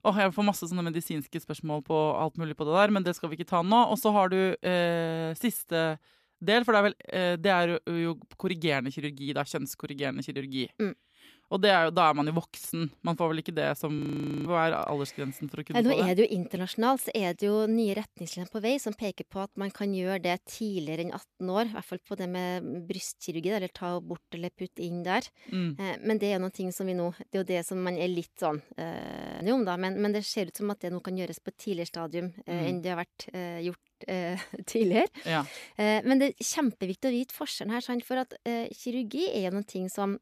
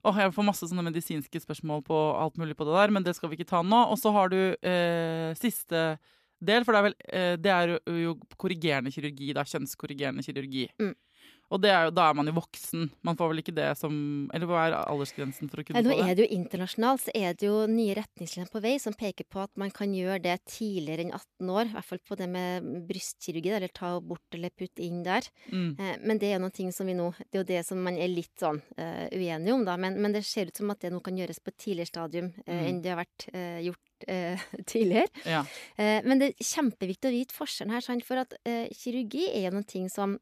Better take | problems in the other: second | audio freezing; at 14 s and at 29 s

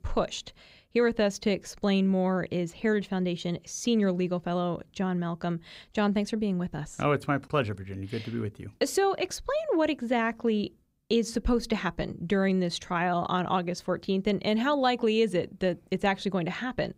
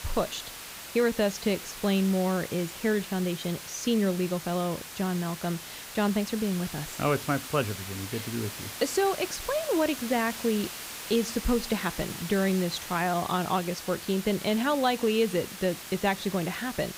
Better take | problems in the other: first | hiss; loud; throughout; 9 dB below the speech

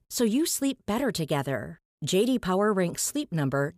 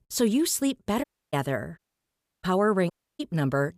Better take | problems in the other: first | audio cutting out; at 1 s, at 2 s for 0.5 s and at 3 s

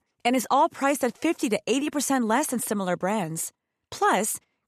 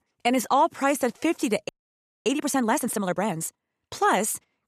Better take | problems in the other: first | audio freezing; at 1.5 s for 0.5 s

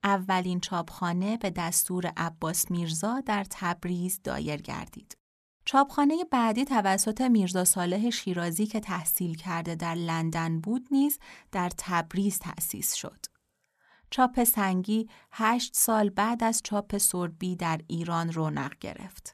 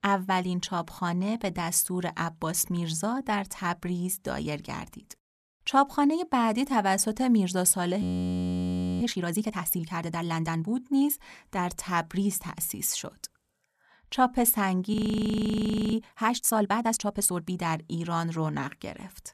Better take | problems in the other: first | audio freezing; at 8 s for 1 s and at 15 s for 1 s

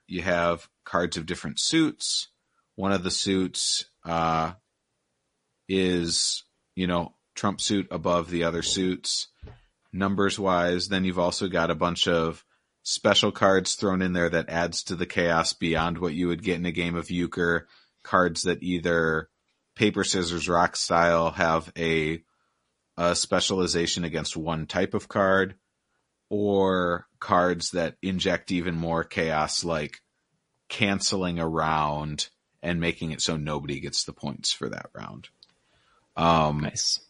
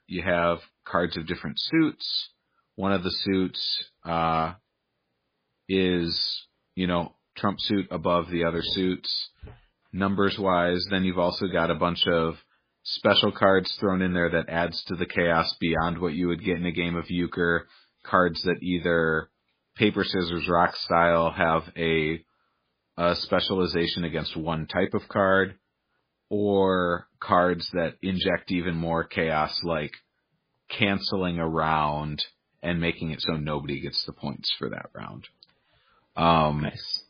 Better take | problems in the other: first | garbled, watery; badly; slightly in the first

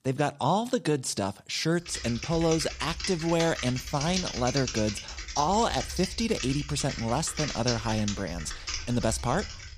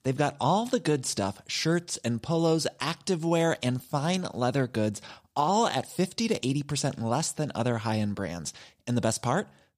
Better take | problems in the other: second | keyboard typing; noticeable; from 2 s on; peak 2 dB below the speech

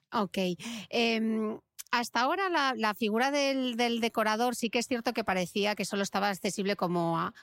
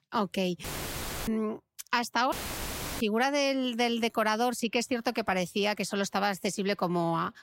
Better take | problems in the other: first | audio cutting out; filled with static; at 0.5 s for 0.5 s and at 2.5 s for 0.5 s

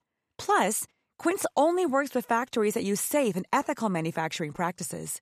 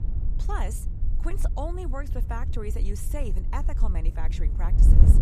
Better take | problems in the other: first | wind noise on the microphone; heavy; 7 dB below the speech

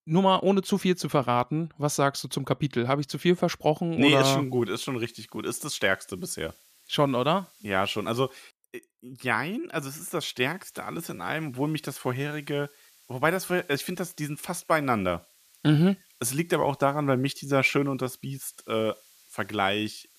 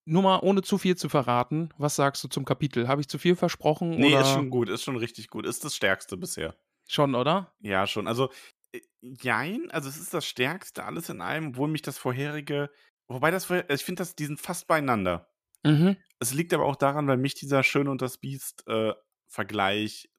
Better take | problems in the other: second | hiss; faint; from 4 to 8.5 s and from 10 s on; 30 dB below the speech

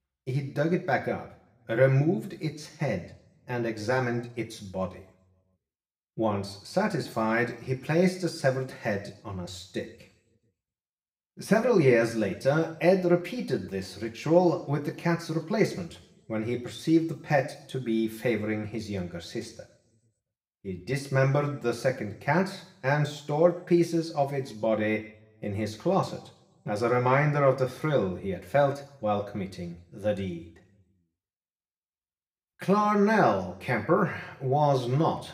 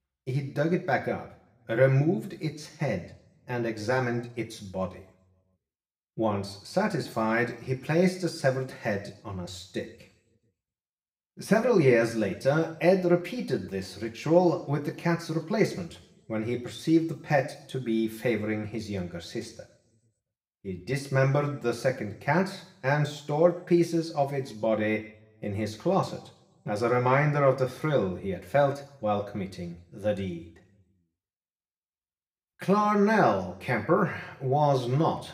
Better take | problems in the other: neither | room echo; slight; dies away in 0.6 s; the same in both

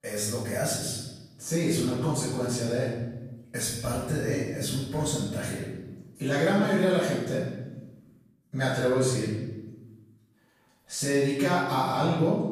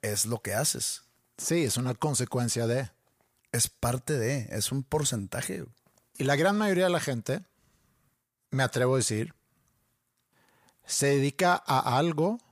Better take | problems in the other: second | off-mic speech; far // room echo; strong; dies away in 1.1 s

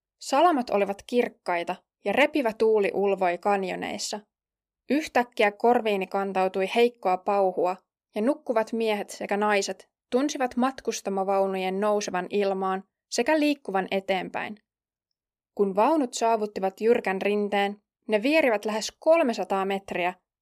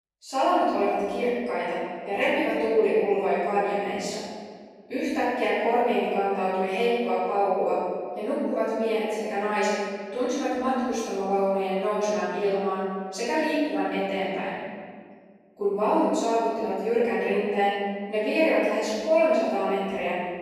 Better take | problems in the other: first | off-mic speech; far // room echo; strong; dies away in 1.7 s

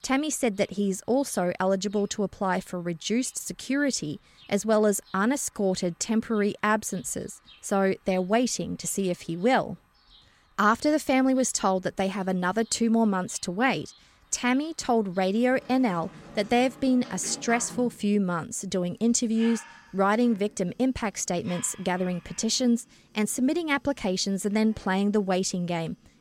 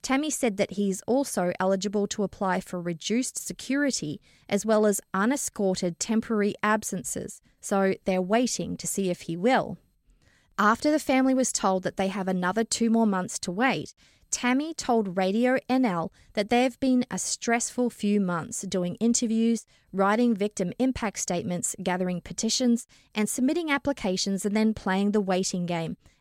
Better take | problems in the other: second | animal sounds; faint; throughout; 25 dB below the speech

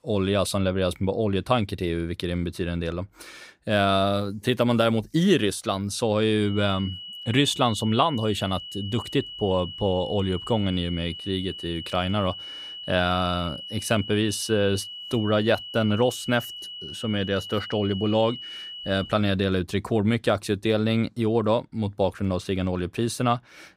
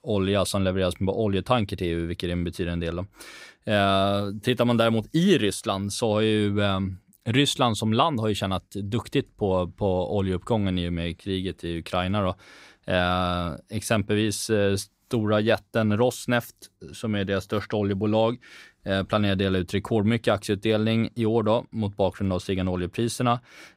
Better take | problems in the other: second | high-pitched whine; noticeable; from 6.5 to 19 s; 3 kHz, 10 dB below the speech

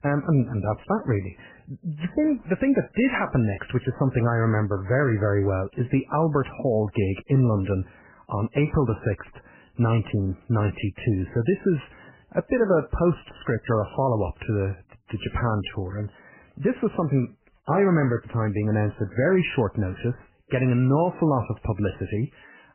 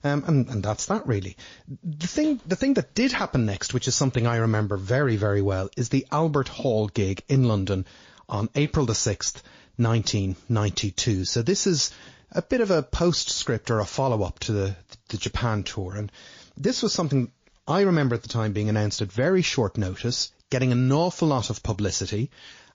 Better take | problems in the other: second | garbled, watery; badly; nothing above 3 kHz; slightly in the second

